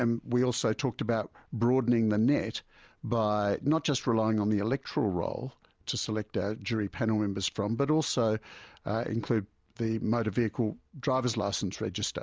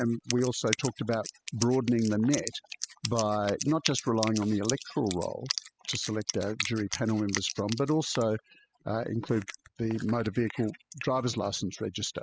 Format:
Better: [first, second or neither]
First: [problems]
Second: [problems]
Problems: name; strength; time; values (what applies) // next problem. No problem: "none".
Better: first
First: none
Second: noise reduction (classical method spectral subtraction)